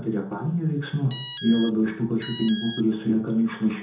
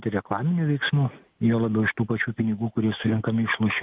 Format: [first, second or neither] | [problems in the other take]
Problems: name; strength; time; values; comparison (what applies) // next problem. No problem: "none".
second | background sound (Alarm); 14 dB below the speech // room echo; dies away in 0.5 s